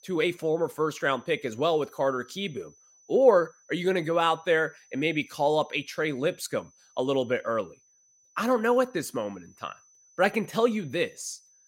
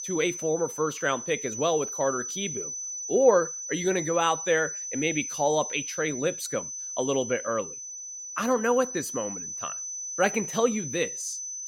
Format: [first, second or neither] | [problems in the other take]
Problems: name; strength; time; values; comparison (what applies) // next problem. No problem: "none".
first | high-pitched whine; loud; throughout; 6 kHz, 6 dB below the speech; faint in the first